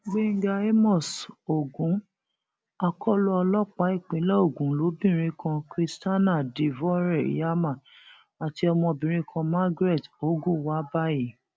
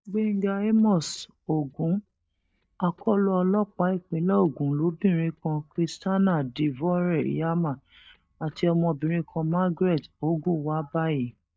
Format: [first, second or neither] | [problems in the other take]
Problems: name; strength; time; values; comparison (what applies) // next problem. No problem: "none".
first | noise reduction (neural mask model DeepFilterNet 3)